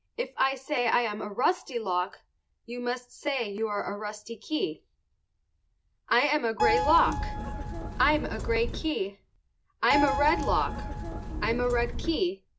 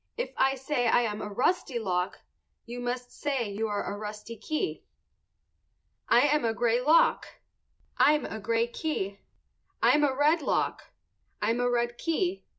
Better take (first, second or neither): second